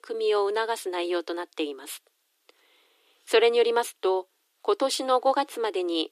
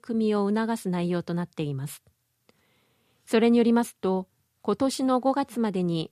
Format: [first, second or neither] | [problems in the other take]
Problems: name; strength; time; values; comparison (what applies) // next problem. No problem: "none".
second | thin; very; fading below 300 Hz